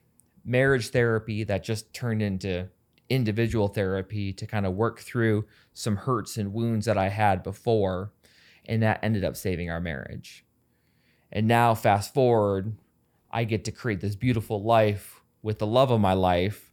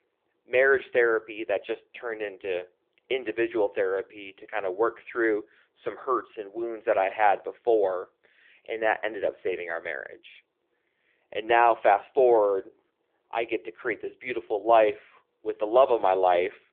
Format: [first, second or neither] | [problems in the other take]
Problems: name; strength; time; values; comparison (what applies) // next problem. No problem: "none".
first | phone-call audio; nothing above 3.5 kHz